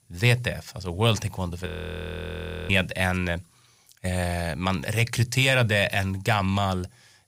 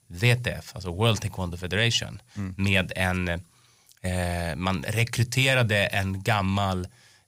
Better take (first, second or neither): second